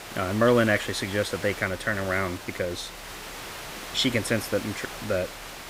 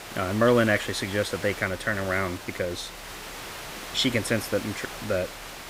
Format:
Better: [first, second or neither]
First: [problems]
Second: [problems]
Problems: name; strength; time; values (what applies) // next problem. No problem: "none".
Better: neither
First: hiss; noticeable; throughout; 10 dB below the speech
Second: hiss; noticeable; throughout; 10 dB below the speech